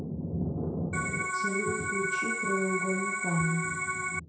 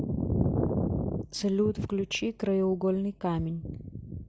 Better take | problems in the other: second | background sound (Organ); 1 dB above the speech // room echo; dies away in 0.6 s

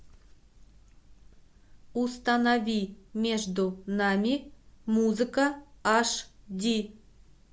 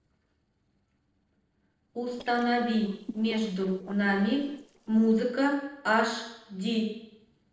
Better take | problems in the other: first | noise reduction (neural separator model SepFormer DNS4)

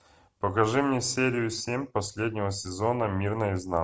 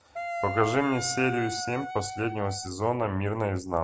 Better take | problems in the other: first | background sound (Wind instrument, woodwind instrument); 8 dB below the speech

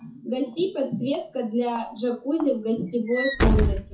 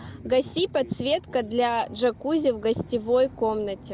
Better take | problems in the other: second | noise reduction (classical method WPE with log-MMSE)

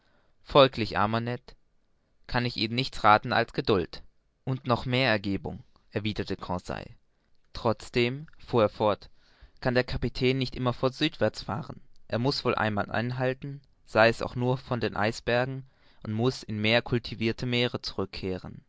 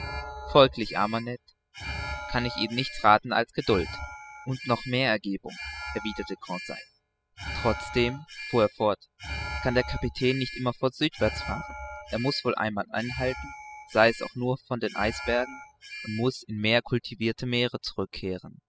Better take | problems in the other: first | noise reduction (classical method spectral subtraction)

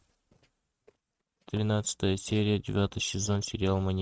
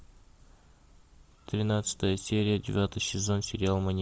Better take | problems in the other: second | noise reduction (neural mask model RNNoise)

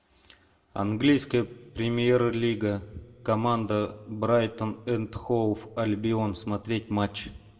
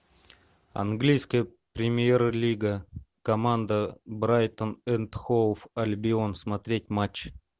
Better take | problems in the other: second | room echo; dies away in 1.5 s

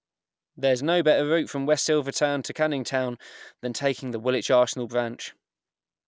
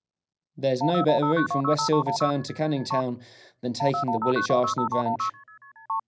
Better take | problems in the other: first | background sound (Telephone); 2 dB below the speech // room echo; dies away in 0.4 s

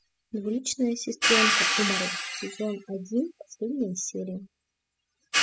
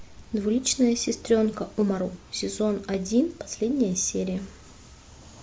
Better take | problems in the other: second | noise reduction (classical method spectral subtraction)

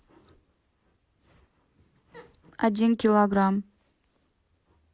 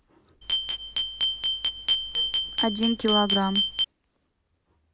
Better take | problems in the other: first | background sound (Glass); 4 dB above the speech

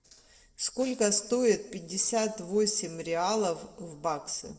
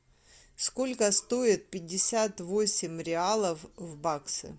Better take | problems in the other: second | noise reduction (neural separator model SepFormer DNS4)

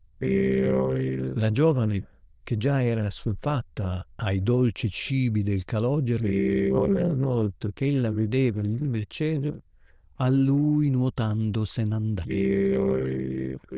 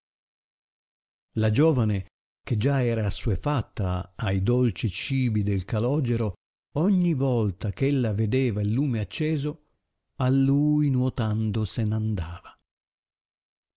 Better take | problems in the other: second | noise reduction (neural diffusion model UNIVERSE++)

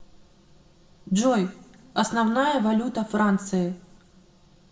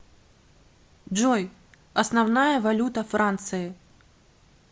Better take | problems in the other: second | room echo; dies away in 0.7 s

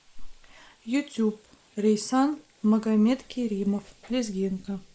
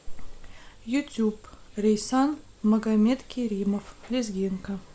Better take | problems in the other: second | noise reduction (neural mask model Resemble Enhance denoiser)

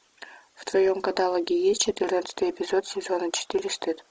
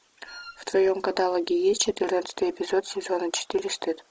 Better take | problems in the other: first | background sound (Wind instrument, woodwind instrument); 19 dB below the speech

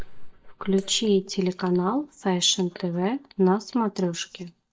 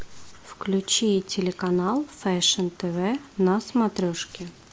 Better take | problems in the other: second | noise reduction (neural mask model DeepFilterNet 3)

